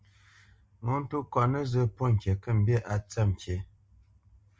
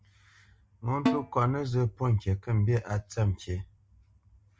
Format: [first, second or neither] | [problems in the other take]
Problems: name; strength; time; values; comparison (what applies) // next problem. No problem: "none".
first | background sound (Snare drum); 4 dB below the speech